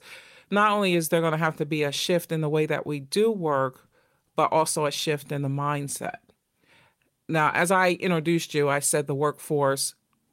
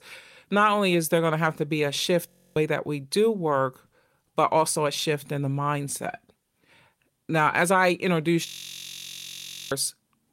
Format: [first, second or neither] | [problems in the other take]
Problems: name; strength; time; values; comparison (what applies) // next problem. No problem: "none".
first | audio freezing; at 2.5 s and at 8.5 s for 1 s